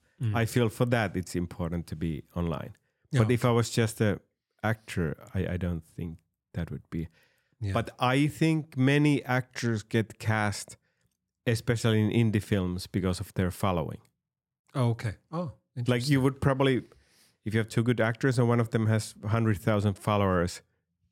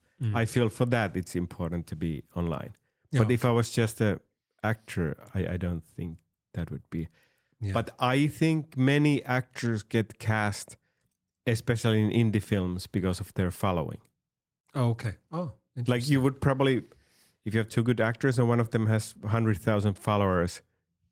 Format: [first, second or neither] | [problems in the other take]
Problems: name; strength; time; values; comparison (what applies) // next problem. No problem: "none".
first | garbled, watery; slightly; nothing above 16.5 kHz